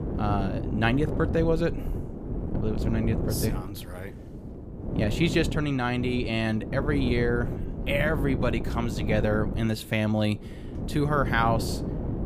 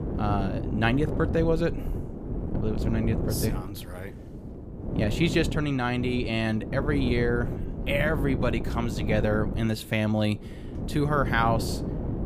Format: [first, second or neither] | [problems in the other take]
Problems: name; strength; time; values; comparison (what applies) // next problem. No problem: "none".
neither | wind noise on the microphone; heavy; 9 dB below the speech; the same in both